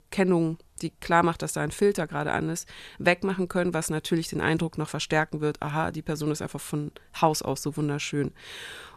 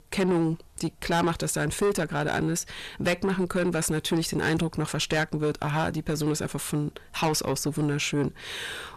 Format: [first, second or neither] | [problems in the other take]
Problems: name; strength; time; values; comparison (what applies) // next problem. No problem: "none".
first | distortion; heavy; 6 dB below the speech